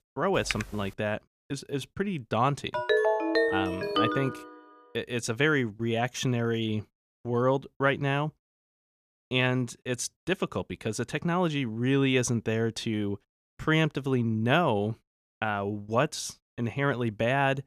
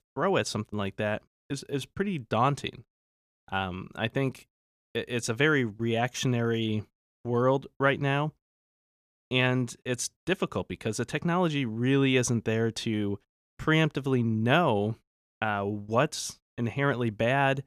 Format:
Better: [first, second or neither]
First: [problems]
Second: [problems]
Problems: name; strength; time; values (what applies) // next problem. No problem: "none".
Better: second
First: keyboard typing; noticeable; at 0.5 s; peak 6 dB below the speech // phone ringing; loud; from 2.5 to 4.5 s; peak 4 dB above the speech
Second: none